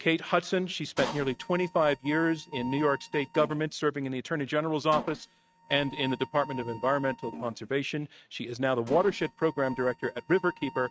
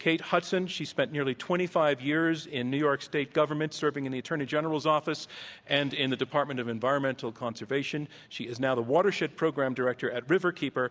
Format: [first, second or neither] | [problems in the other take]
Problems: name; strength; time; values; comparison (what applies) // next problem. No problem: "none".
second | noise reduction (neural mask model RNNoise)